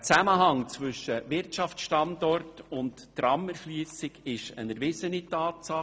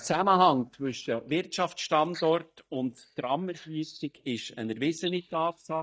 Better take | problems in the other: first | noise reduction (neural mask model DeepFilterNet 3)

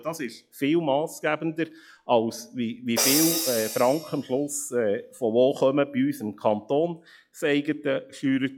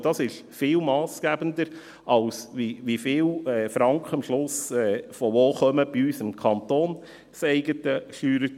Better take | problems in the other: second | noise reduction (classical method log-MMSE)

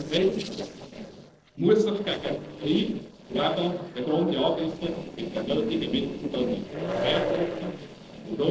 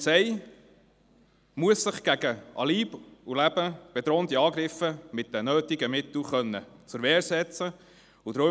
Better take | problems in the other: second | noise reduction (neural separator model SepFormer DNS4)

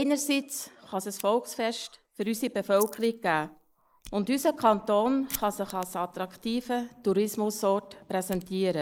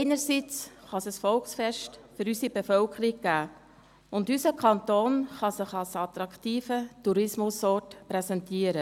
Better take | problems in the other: second | noise reduction (neural mask model Resemble Enhance denoiser)

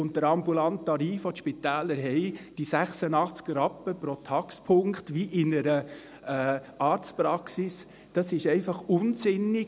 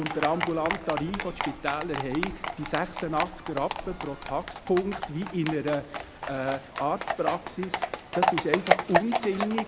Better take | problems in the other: first | background sound (Livestock, farm animals, working animals); 1 dB below the speech

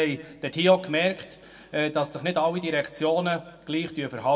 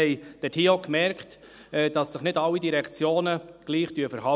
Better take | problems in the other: second | room echo; dies away in 1.7 s

